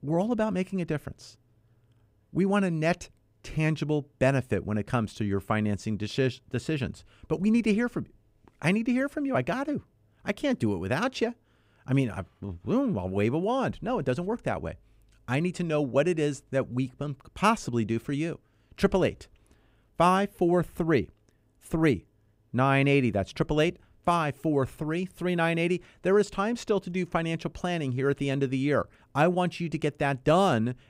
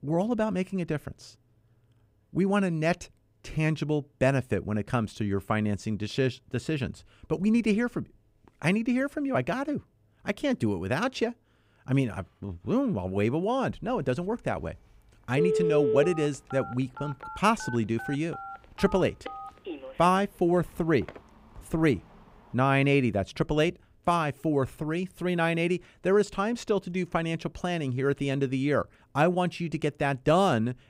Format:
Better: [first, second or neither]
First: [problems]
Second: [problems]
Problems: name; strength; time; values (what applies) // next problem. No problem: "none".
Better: first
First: none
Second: phone ringing; loud; from 15 to 22 s; peak 3 dB above the speech